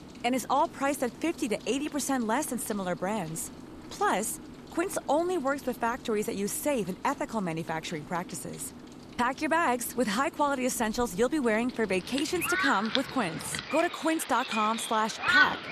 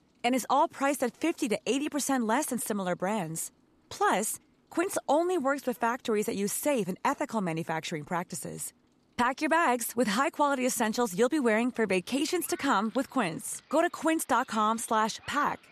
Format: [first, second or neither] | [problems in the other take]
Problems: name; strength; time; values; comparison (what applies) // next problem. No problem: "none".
second | rain or running water; loud; throughout; 5 dB below the speech; faint in the second